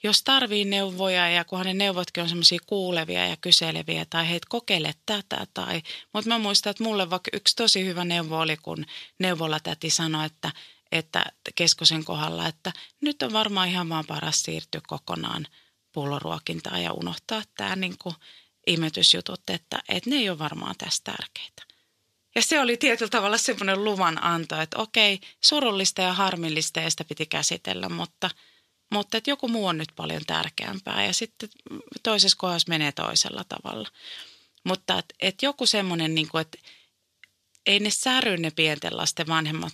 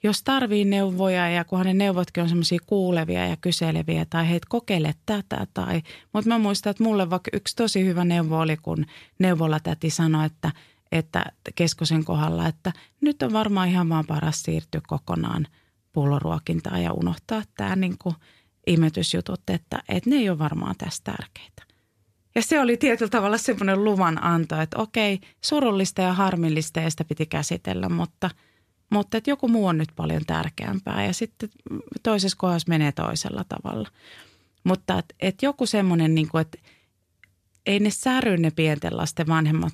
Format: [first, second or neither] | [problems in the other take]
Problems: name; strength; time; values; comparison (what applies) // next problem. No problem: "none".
second | thin; very slightly; fading below 900 Hz